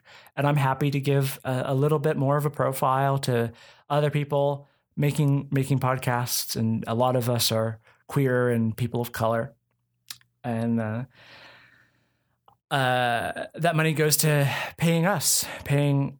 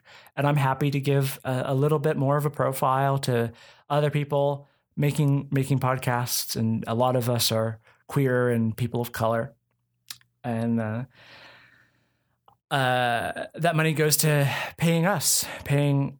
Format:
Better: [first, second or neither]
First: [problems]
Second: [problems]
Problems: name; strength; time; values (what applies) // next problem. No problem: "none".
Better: neither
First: none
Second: none